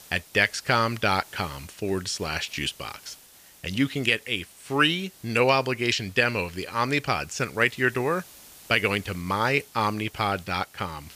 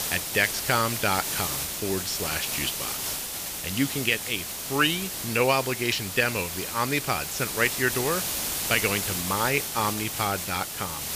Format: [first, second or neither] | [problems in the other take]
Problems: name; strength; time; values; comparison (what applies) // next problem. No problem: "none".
first | hiss; loud; throughout; 2 dB below the speech; faint in the first